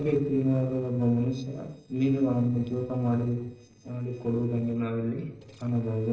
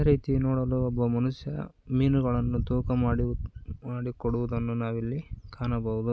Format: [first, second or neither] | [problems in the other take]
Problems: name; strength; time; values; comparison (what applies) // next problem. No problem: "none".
second | noise reduction (neural separator model SepFormer DNS4)